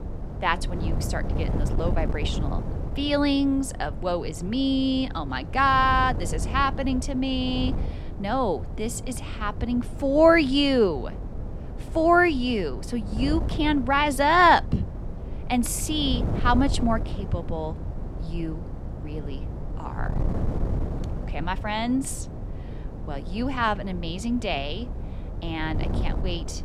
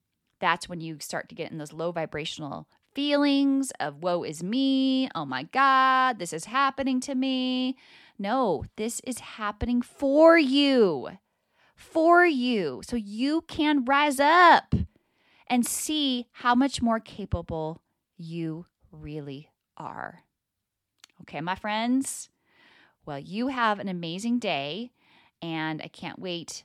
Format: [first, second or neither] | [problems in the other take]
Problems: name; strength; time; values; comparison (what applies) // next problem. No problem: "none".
second | wind noise on the microphone; occasional gusts; 15 dB below the speech